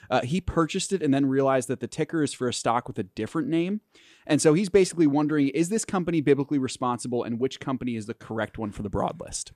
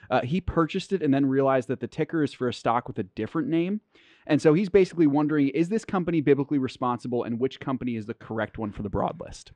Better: first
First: none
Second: muffled; slightly; fading above 3 kHz

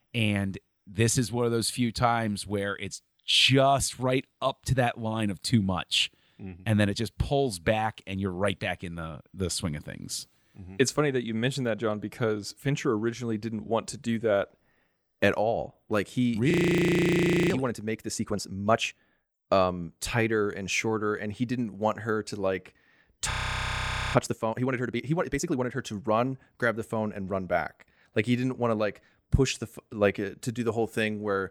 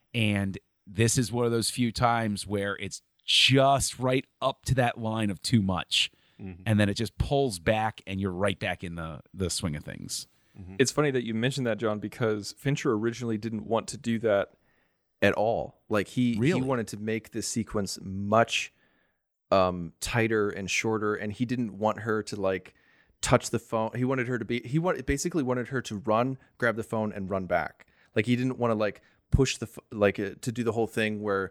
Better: second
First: audio freezing; at 17 s for 1 s and at 23 s for 1 s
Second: none

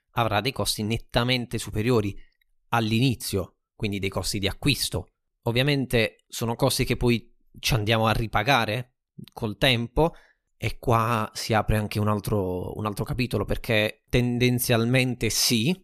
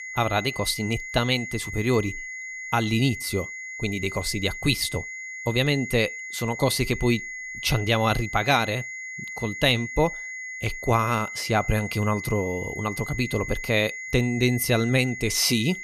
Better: first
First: none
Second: high-pitched whine; loud; throughout; 2 kHz, 9 dB below the speech

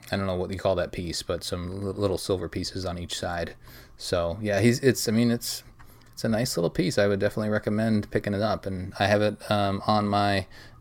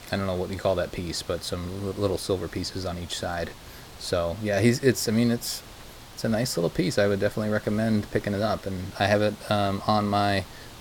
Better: first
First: none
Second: hiss; noticeable; throughout; 20 dB below the speech

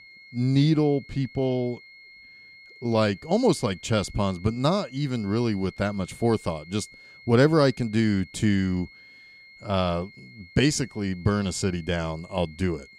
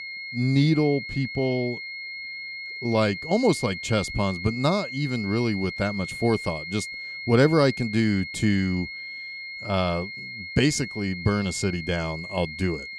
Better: first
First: high-pitched whine; faint; throughout; 2 kHz, 20 dB below the speech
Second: high-pitched whine; loud; throughout; 2 kHz, 9 dB below the speech

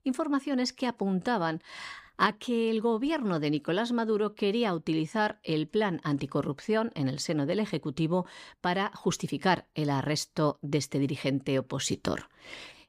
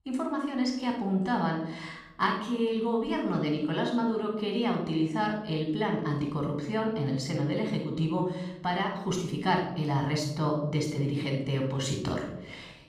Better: first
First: none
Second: off-mic speech; somewhat distant // room echo; noticeable; dies away in 0.9 s

